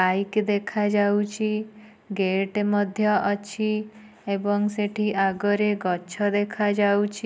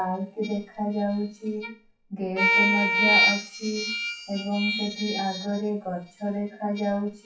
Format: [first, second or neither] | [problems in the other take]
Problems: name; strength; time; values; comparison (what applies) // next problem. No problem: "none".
first | noise reduction (classical method WPE with log-MMSE)